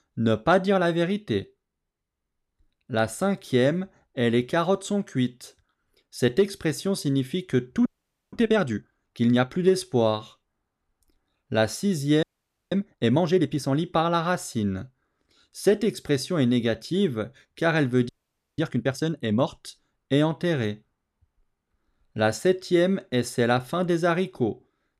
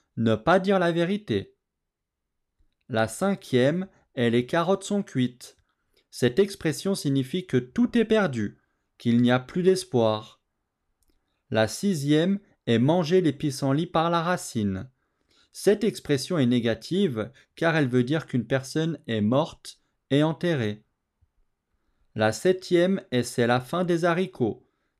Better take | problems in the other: second | audio freezing; at 8 s, at 12 s and at 18 s

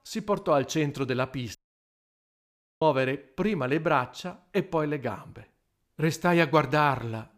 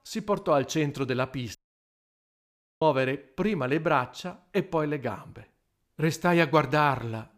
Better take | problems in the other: neither | audio cutting out; at 1.5 s for 1.5 s; the same in both

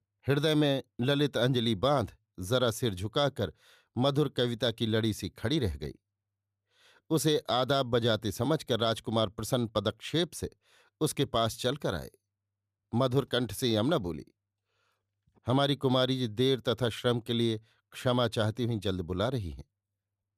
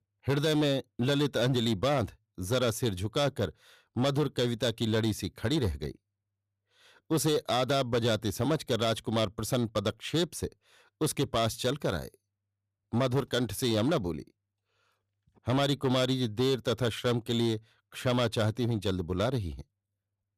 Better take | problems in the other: first | distortion; slight; 7% of the sound clipped

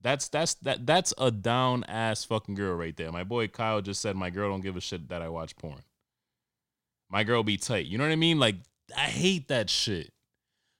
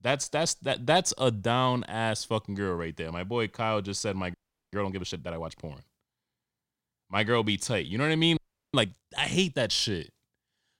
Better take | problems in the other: first | audio freezing; at 4.5 s and at 8.5 s

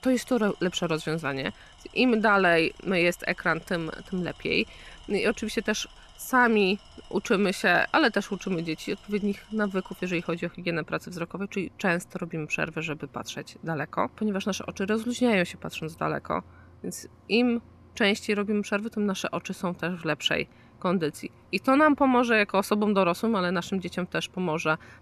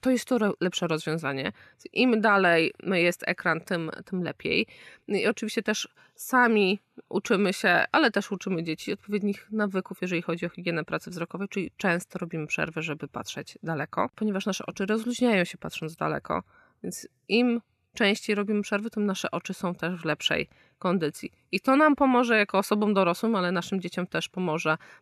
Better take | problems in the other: second | machinery noise; faint; throughout; 25 dB below the speech

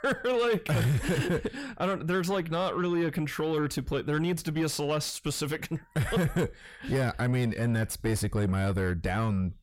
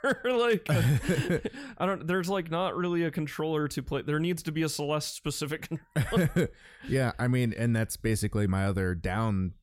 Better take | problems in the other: second | distortion; slight; 10 dB below the speech

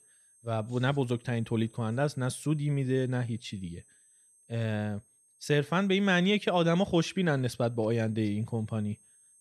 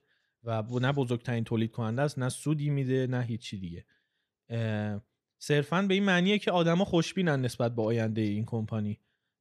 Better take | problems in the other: second | high-pitched whine; faint; throughout; 8 kHz, 30 dB below the speech

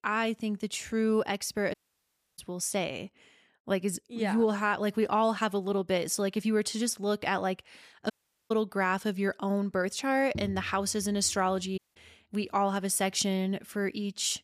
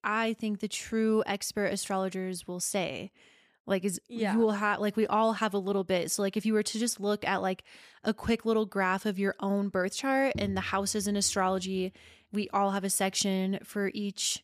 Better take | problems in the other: second | audio cutting out; at 1.5 s for 0.5 s, at 8 s and at 12 s

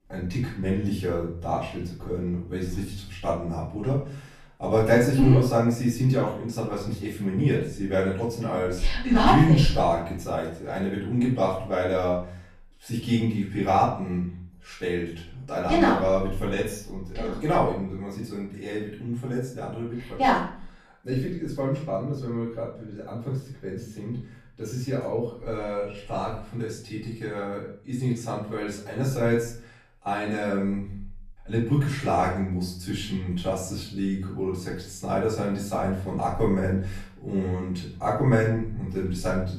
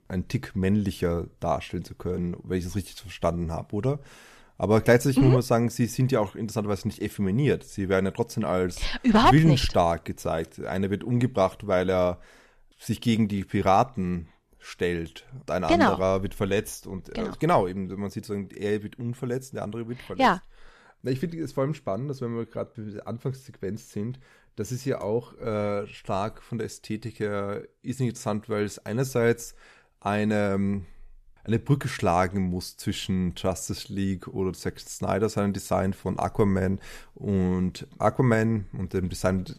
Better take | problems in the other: second | off-mic speech; far // room echo; noticeable; dies away in 0.5 s

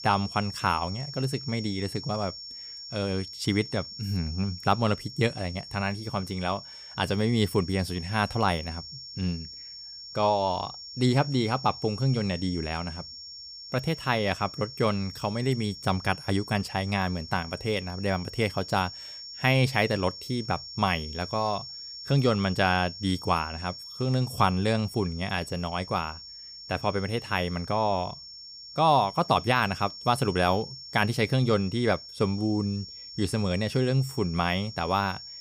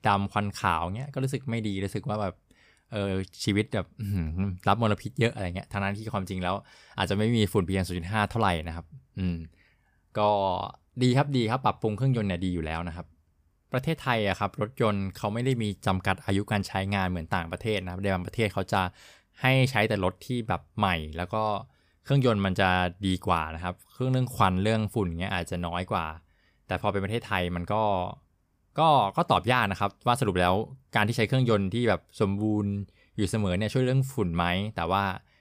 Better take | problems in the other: second | high-pitched whine; noticeable; throughout; 5.5 kHz, 10 dB below the speech

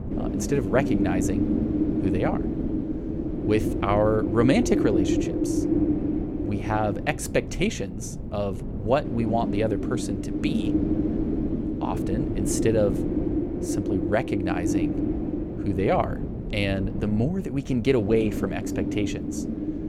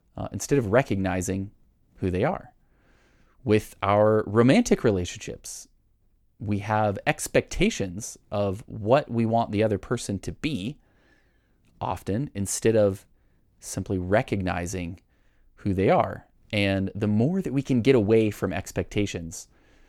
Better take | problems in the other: second | wind noise on the microphone; heavy; 4 dB below the speech

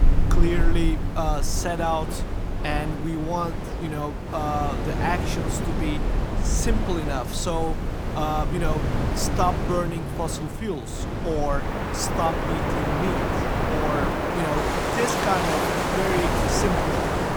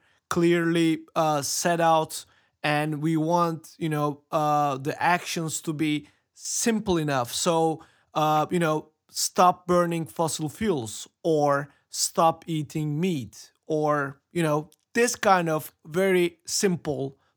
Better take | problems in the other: second | wind in the background; very loud; throughout; 2 dB above the speech

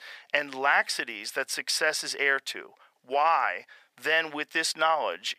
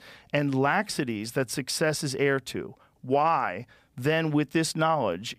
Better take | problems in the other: second | thin; very; fading below 700 Hz

